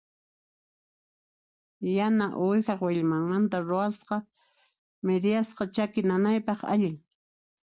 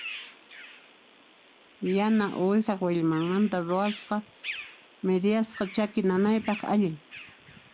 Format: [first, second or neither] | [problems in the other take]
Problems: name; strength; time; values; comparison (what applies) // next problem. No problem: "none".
first | background sound (Bird vocalization, bird call, bird song); 17 dB below the speech